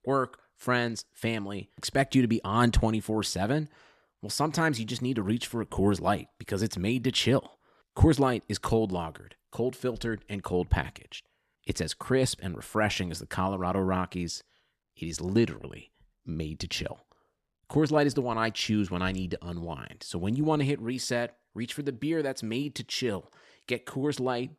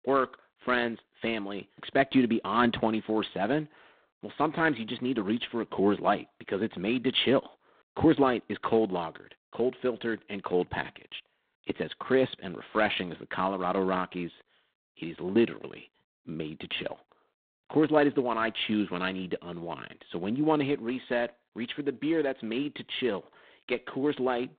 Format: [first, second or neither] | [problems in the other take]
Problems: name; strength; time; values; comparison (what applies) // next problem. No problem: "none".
first | phone-call audio; poor line; nothing above 3.5 kHz